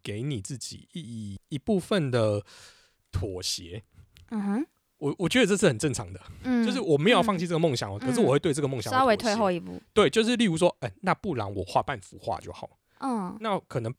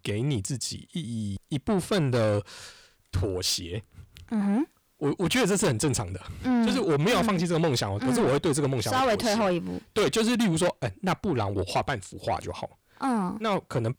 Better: first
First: none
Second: distortion; heavy; 7 dB below the speech

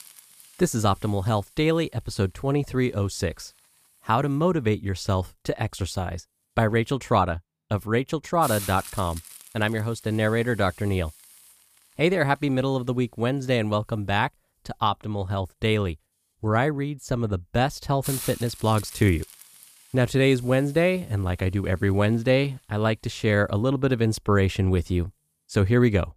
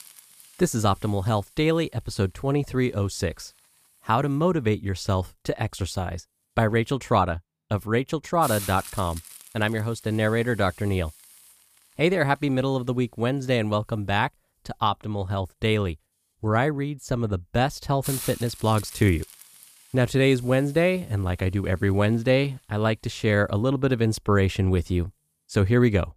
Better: neither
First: hiss; noticeable; throughout; 15 dB below the speech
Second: hiss; noticeable; throughout; 15 dB below the speech

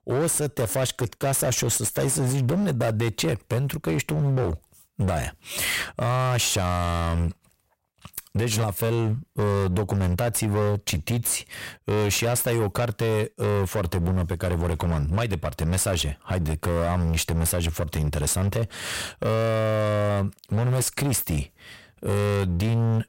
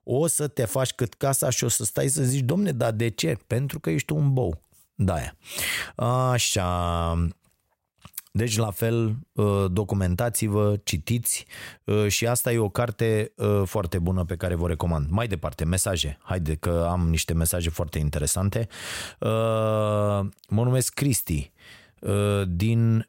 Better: second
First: distortion; slight; 25% of the sound clipped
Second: none

